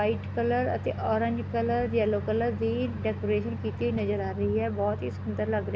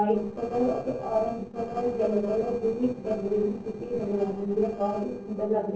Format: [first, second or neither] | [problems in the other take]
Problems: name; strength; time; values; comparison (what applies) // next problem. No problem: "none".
first | noise reduction (neural separator model SepFormer DNS4)